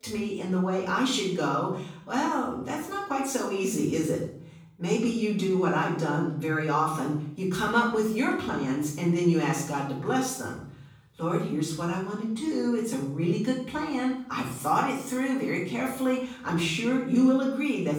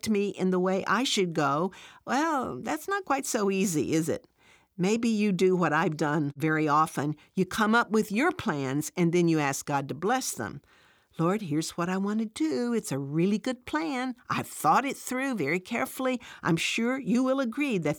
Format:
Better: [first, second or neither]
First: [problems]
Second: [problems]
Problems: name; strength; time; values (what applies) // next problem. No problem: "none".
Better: second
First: off-mic speech; far // room echo; noticeable; dies away in 0.7 s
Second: none